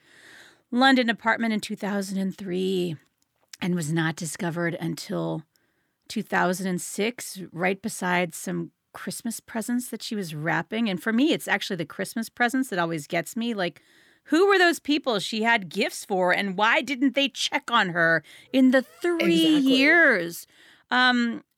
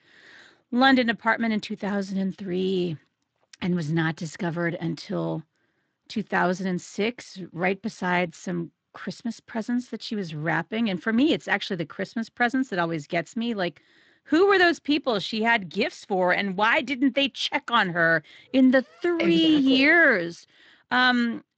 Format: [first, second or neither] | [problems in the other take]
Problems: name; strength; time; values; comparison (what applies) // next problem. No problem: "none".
first | garbled, watery; slightly; nothing above 7.5 kHz